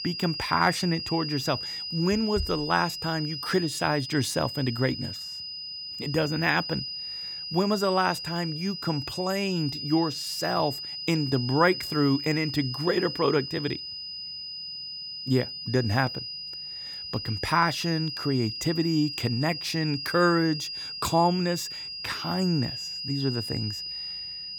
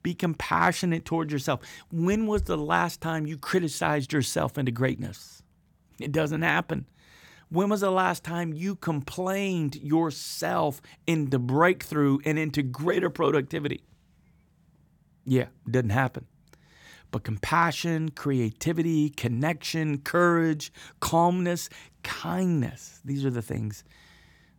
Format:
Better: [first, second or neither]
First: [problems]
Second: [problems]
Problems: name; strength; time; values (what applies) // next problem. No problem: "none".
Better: second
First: high-pitched whine; loud; throughout; 5 kHz, 6 dB below the speech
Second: none